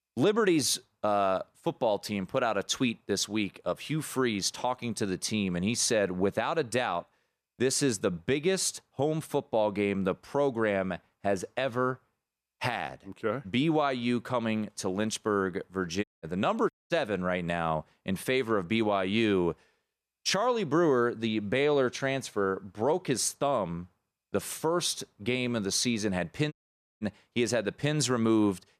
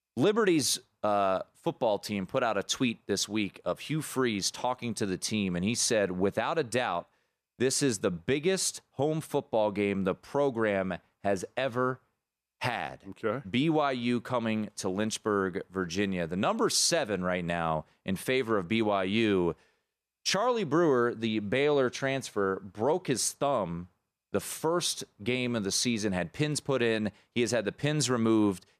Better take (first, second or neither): second